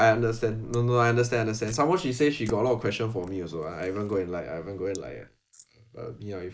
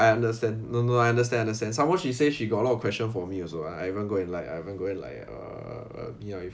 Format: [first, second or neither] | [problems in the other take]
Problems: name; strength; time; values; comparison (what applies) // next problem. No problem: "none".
second | noise reduction (neural mask model Resemble Enhance denoiser)